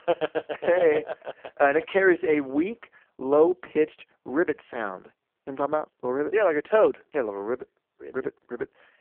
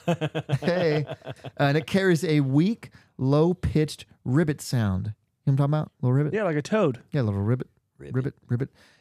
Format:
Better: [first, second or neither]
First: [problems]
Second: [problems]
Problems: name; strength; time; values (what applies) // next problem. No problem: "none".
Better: second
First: phone-call audio; poor line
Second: none